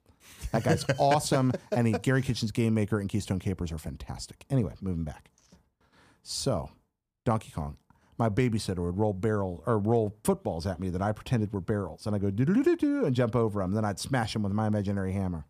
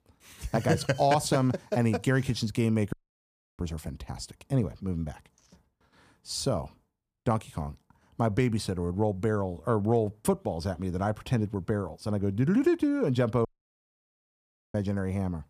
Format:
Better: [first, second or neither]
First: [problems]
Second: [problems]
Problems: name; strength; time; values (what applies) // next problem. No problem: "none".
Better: first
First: none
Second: audio cutting out; at 3 s for 0.5 s and at 13 s for 1.5 s